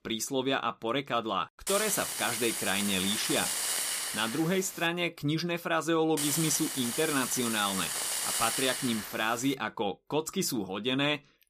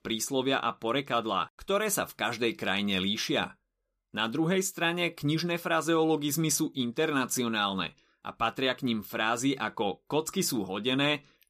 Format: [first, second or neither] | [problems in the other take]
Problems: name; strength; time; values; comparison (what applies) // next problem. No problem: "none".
second | hiss; loud; from 1.5 to 5 s and from 6 to 9.5 s; 1 dB below the speech